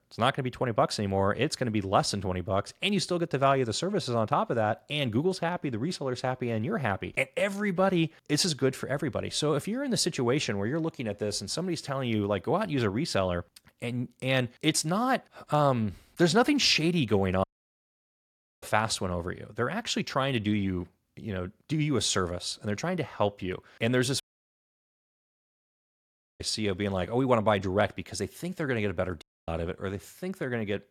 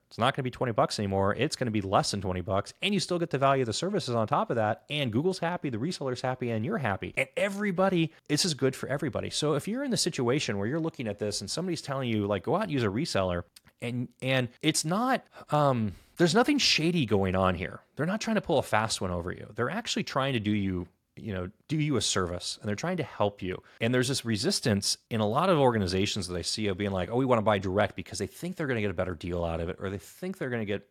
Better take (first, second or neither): second